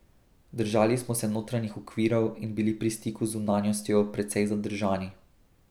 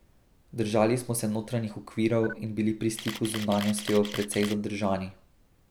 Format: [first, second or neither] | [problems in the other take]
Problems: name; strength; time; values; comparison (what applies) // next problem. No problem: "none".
first | background sound (Camera); 11 dB below the speech